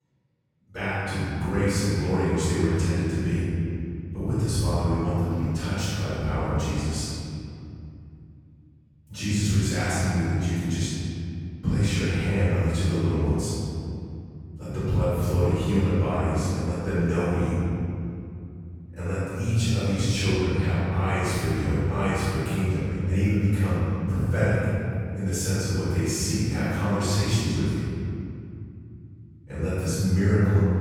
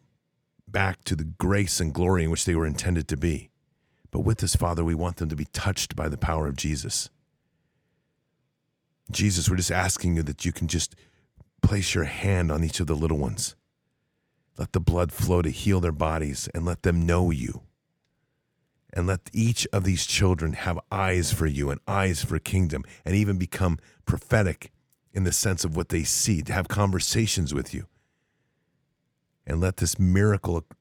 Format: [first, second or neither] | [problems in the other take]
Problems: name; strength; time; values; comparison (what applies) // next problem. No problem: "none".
second | off-mic speech; far // room echo; strong; dies away in 2.7 s